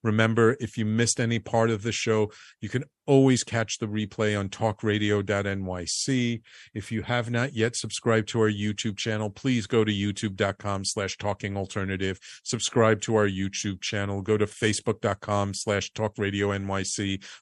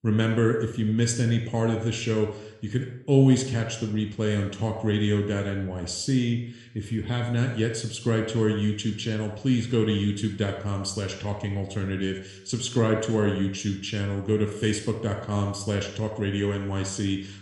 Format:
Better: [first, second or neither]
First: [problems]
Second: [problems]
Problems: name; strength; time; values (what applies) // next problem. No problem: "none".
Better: first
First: none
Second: room echo; slight; dies away in 0.6 s